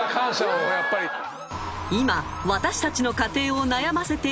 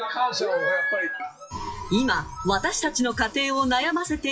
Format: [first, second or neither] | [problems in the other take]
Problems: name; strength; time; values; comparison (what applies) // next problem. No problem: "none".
first | noise reduction (classical method WPE with log-MMSE)